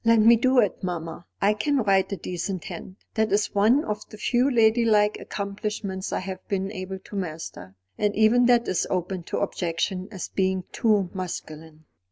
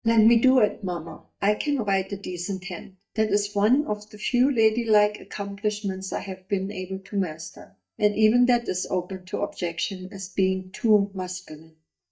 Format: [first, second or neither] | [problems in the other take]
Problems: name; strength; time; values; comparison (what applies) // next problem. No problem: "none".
first | noise reduction (neural mask model DeepFilterNet 3)